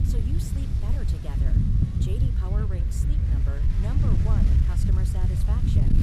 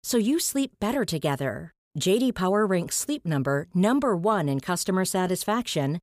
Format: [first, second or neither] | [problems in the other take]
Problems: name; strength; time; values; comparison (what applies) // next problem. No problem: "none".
second | wind noise on the microphone; heavy; 4 dB above the speech